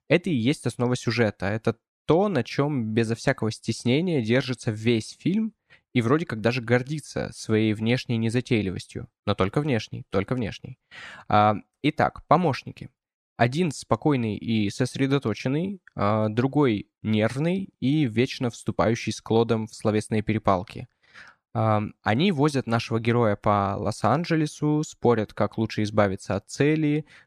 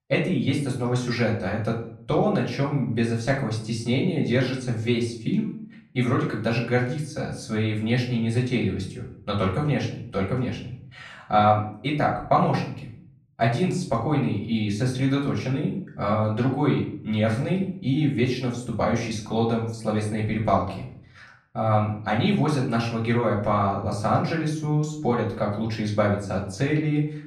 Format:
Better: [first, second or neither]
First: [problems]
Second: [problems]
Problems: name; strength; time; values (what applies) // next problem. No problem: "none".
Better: first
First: none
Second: off-mic speech; far // room echo; slight; dies away in 0.5 s